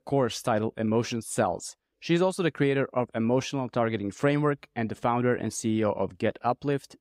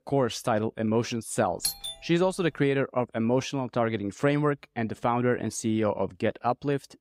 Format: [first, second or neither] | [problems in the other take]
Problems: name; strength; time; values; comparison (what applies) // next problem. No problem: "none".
first | doorbell; noticeable; at 1.5 s; peak 2 dB below the speech